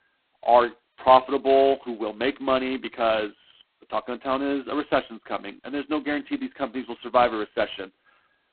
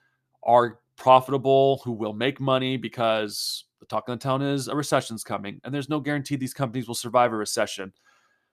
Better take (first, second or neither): second